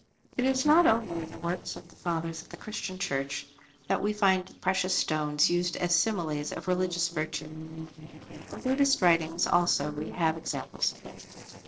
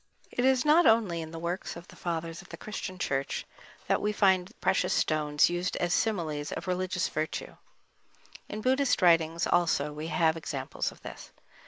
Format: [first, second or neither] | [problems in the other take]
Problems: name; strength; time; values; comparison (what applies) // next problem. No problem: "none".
second | noise reduction (neural separator model SepFormer DNS4)